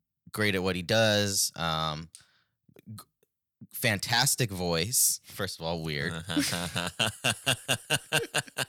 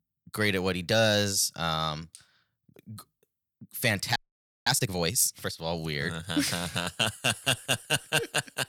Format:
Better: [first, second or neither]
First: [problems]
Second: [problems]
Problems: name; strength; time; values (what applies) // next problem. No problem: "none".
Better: first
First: none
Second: audio freezing; at 4 s for 0.5 s